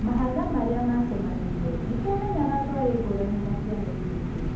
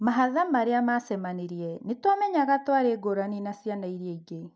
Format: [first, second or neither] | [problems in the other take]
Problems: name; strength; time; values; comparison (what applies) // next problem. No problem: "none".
second | background sound (Engine); 1 dB below the speech // room echo; dies away in 0.8 s